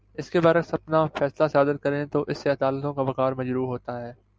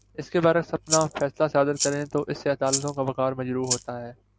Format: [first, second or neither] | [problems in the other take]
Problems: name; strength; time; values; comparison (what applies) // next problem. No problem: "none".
first | background sound (Rattle (instrument)); 8 dB below the speech